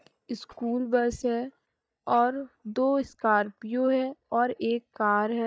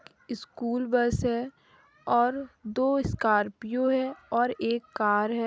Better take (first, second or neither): second